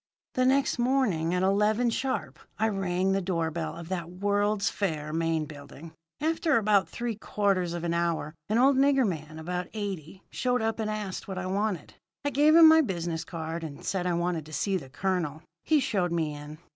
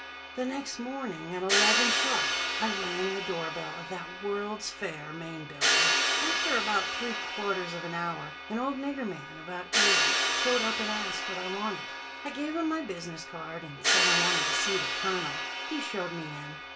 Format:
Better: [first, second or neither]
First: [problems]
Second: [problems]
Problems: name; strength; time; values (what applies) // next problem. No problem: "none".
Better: first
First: none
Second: background sound (Crash cymbal); 4 dB above the speech // room echo; dies away in 0.2 s